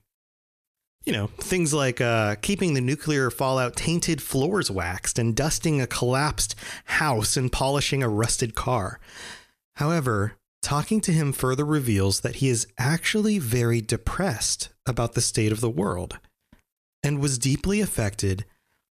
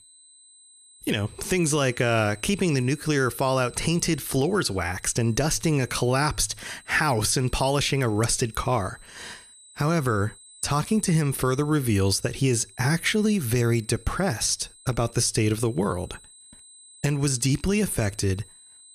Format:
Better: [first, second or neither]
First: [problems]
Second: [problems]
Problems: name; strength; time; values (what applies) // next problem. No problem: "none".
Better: first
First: none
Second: high-pitched whine; faint; throughout; 8 kHz, 25 dB below the speech